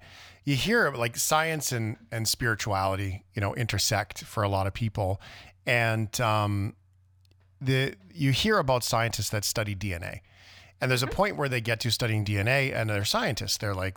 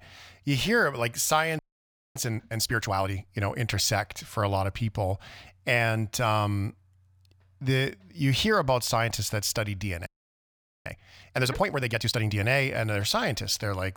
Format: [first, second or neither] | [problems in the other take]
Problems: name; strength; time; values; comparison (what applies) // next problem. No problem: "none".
first | audio freezing; at 1.5 s for 0.5 s and at 10 s for 1 s